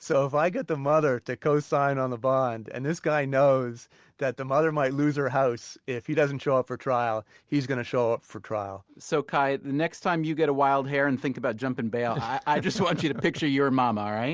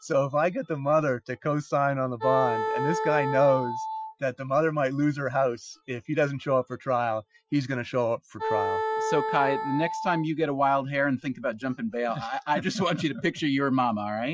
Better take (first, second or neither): first